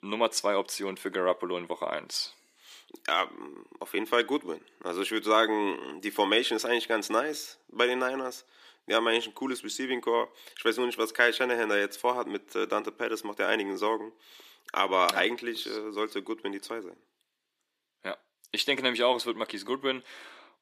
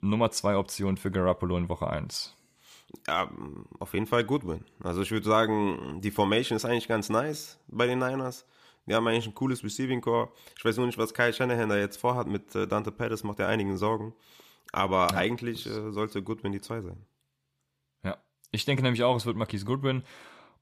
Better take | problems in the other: second | thin; somewhat; fading below 300 Hz

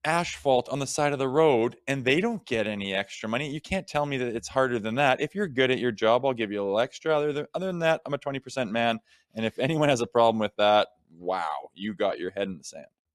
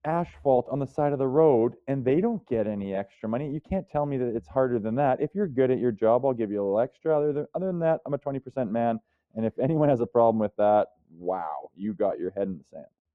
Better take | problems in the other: first | muffled; very; fading above 2 kHz

